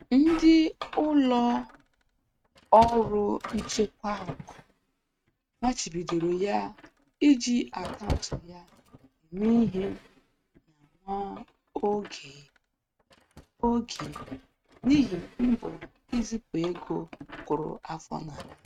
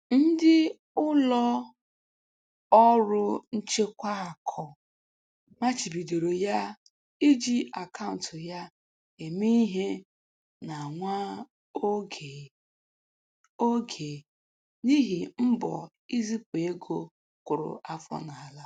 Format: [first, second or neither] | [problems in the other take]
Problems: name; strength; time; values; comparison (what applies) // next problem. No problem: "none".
second | noise reduction (neural mask model RNNoise)